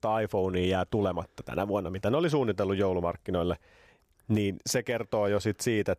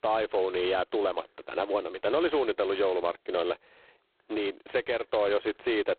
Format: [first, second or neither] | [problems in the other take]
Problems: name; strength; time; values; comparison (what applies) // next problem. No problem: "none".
first | phone-call audio; poor line; nothing above 4 kHz